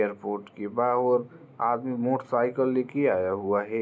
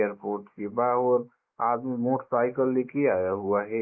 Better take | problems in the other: first | noise reduction (neural mask model Resemble Enhance denoiser)

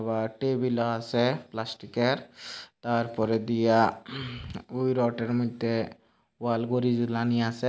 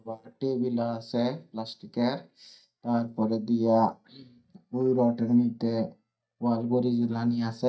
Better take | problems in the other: first | noise reduction (neural mask model DeepFilterNet 3)

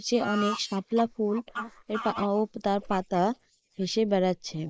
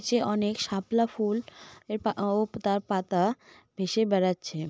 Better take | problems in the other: second | noise reduction (neural mask model Resemble Enhance denoiser)

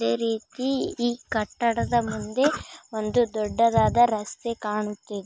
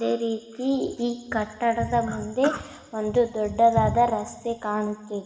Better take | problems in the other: first | room echo; dies away in 1.5 s

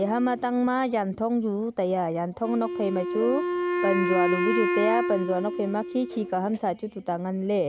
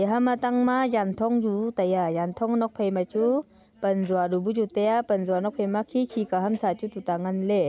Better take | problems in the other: second | background sound (Wind instrument, woodwind instrument); 4 dB below the speech

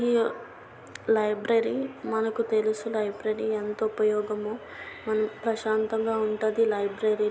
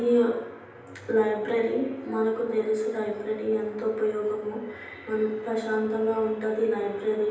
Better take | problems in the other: first | room echo; dies away in 0.9 s

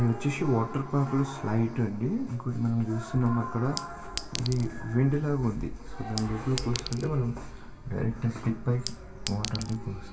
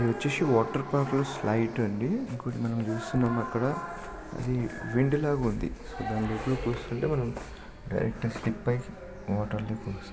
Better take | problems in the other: second | background sound (Chink, clink); 11 dB below the speech // room echo; dies away in 0.2 s

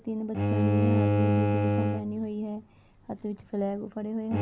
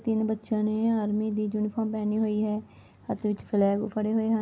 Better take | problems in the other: second | background sound (Bowed string instrument); 5 dB above the speech

